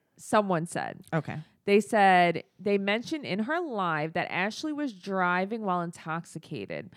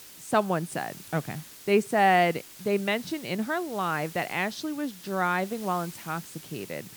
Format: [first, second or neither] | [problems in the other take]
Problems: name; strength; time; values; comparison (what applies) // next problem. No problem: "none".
first | hiss; noticeable; throughout; 15 dB below the speech